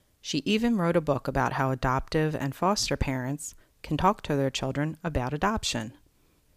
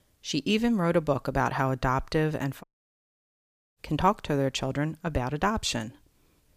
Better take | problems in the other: first | audio cutting out; at 2.5 s for 1 s

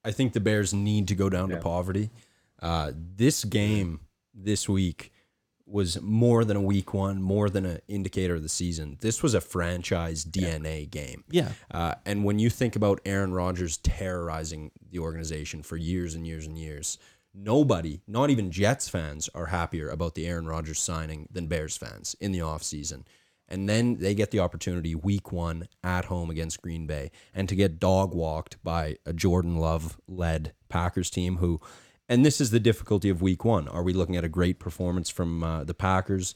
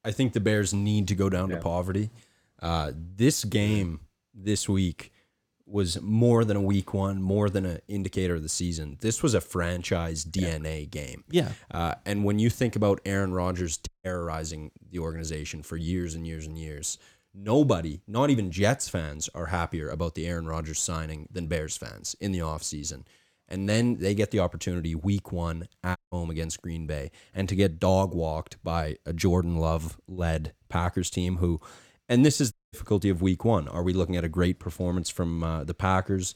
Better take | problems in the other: first | audio cutting out; at 14 s, at 26 s and at 33 s

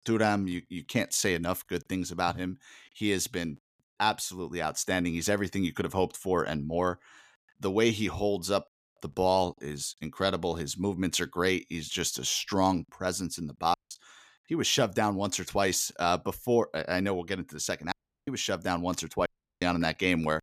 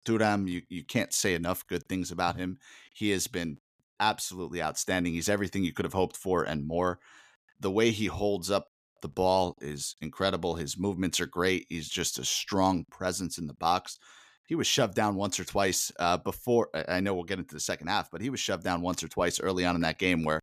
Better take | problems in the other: second | audio cutting out; at 14 s, at 18 s and at 19 s

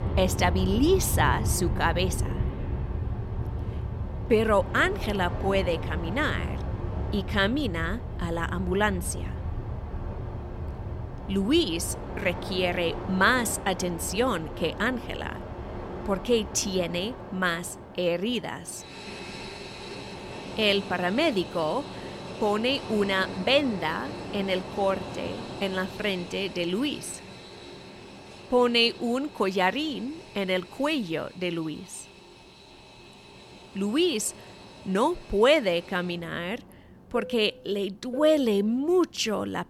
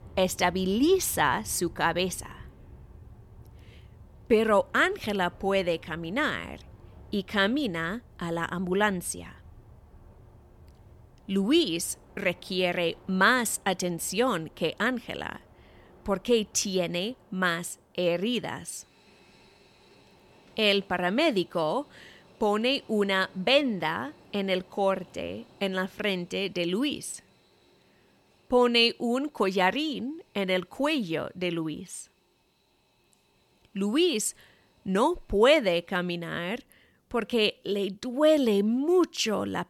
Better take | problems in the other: second | train or aircraft noise; loud; throughout; 9 dB below the speech; faint in the second

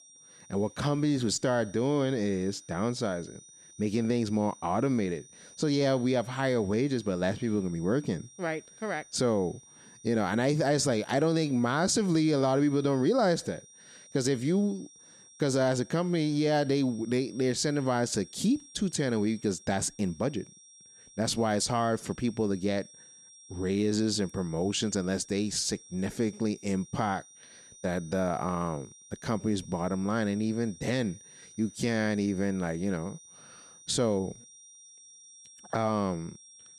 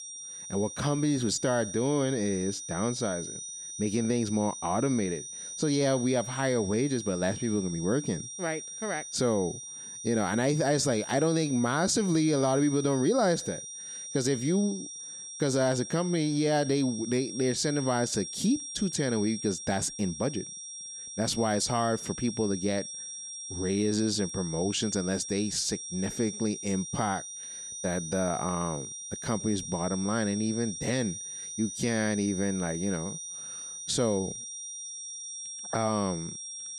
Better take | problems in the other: first | high-pitched whine; loud; throughout; 5.5 kHz, 8 dB below the speech; faint in the first

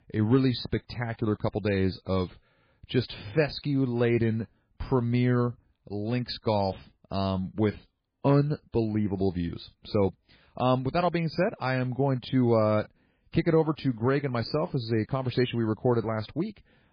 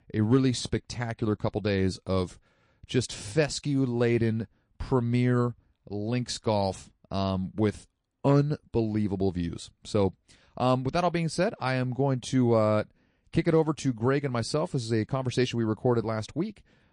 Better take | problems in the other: second | garbled, watery; badly; nothing above 4 kHz; slightly in the second

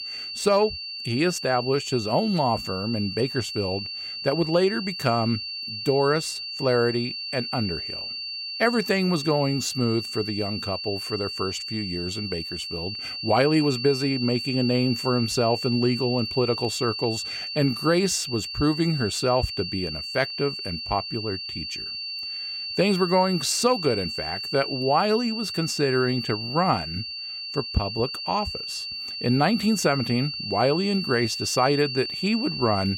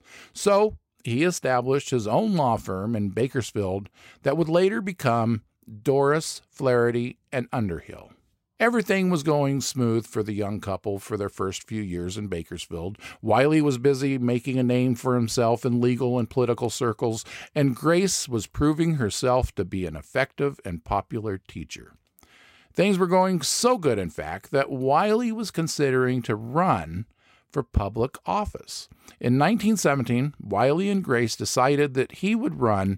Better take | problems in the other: second | high-pitched whine; loud; throughout; 4.5 kHz, 5 dB below the speech

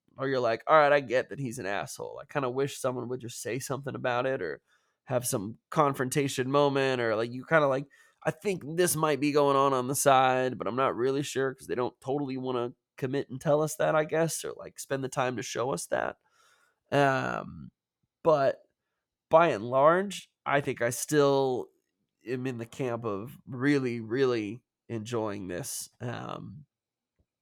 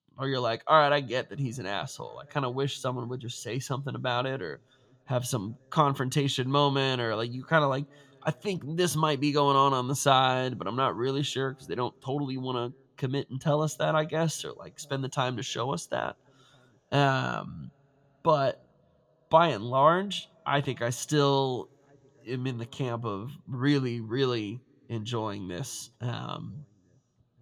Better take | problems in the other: first | room echo; slight; dies away in 3 s

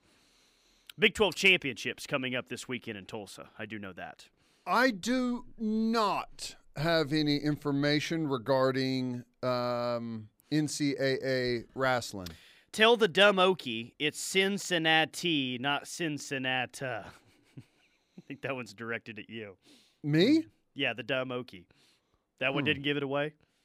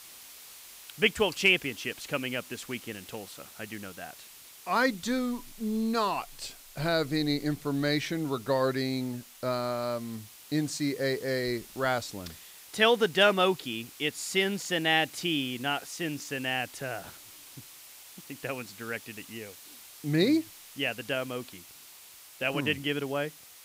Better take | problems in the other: first | hiss; noticeable; throughout; 20 dB below the speech

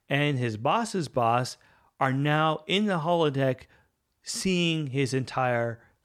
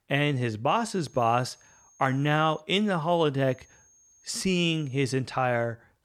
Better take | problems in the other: first | high-pitched whine; faint; from 0.5 to 2.5 s and from 3.5 to 5 s; 6.5 kHz, 30 dB below the speech

